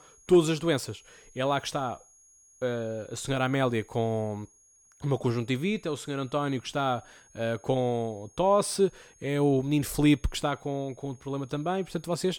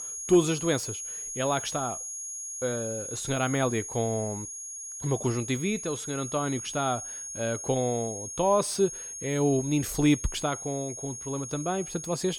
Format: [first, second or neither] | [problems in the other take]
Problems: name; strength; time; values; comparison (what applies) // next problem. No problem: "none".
first | high-pitched whine; loud; throughout; 6.5 kHz, 6 dB below the speech; faint in the first